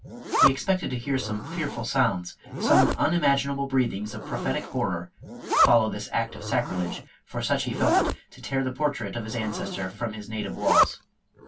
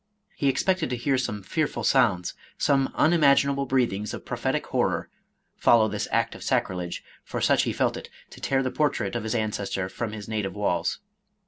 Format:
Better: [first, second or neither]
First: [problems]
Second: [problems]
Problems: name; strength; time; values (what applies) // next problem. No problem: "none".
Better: second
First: background sound (Zipper (clothing)); 3 dB below the speech // room echo; dies away in 0.1 s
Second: none